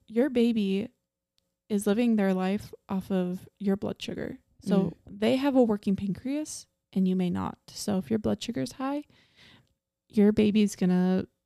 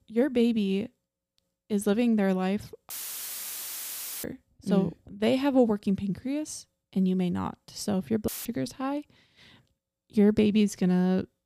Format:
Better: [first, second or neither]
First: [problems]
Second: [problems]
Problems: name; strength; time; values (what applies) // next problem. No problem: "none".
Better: first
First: none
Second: audio cutting out; filled with static; at 3 s for 1.5 s and at 8.5 s